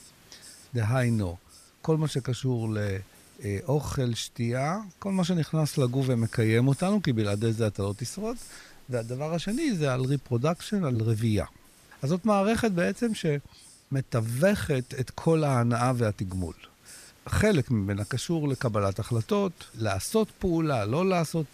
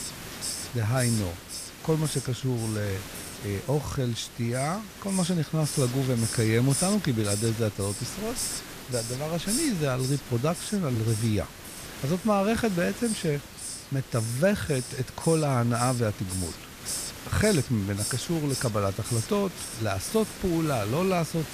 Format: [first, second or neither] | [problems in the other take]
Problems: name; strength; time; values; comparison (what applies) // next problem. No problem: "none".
first | hiss; loud; throughout; 7 dB below the speech; faint in the first